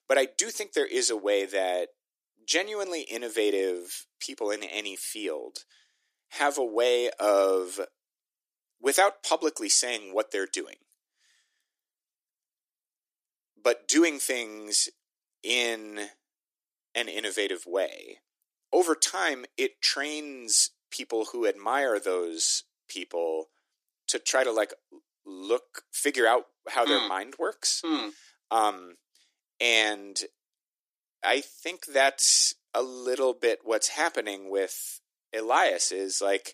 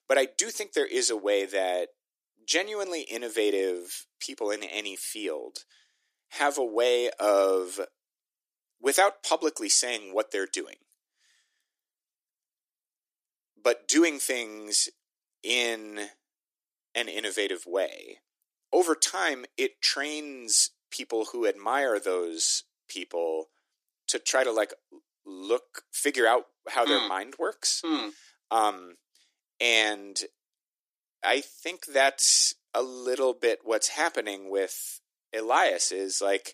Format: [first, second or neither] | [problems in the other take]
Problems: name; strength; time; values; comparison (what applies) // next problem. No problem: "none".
neither | thin; somewhat; fading below 300 Hz; the same in both